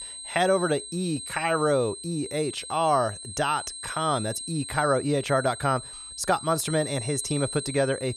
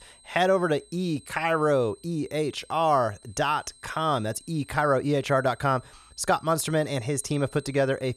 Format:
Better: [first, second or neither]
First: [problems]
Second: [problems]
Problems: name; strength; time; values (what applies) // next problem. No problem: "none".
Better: second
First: high-pitched whine; loud; throughout; 8.5 kHz, 9 dB below the speech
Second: high-pitched whine; faint; throughout; 8.5 kHz, 25 dB below the speech